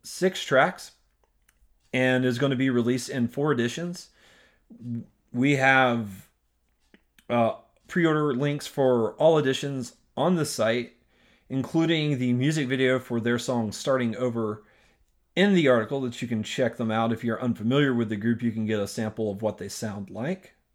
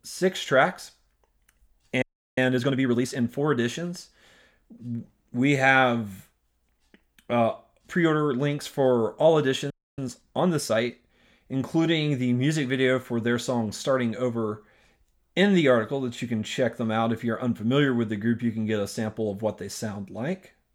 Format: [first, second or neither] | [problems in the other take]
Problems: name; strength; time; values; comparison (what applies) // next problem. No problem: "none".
first | audio freezing; at 2 s and at 9.5 s